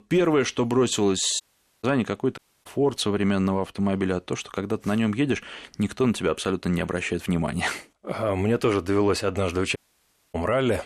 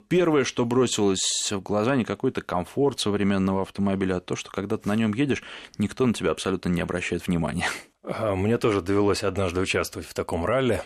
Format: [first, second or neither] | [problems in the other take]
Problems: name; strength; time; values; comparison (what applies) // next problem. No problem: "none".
second | audio cutting out; at 1.5 s, at 2.5 s and at 10 s for 0.5 s